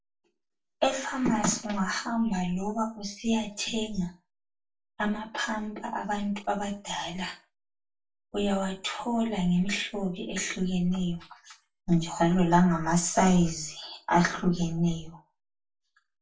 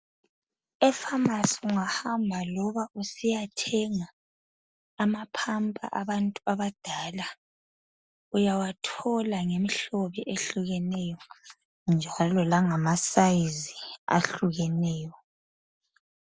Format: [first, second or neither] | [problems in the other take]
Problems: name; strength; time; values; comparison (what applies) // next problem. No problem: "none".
second | room echo; dies away in 0.3 s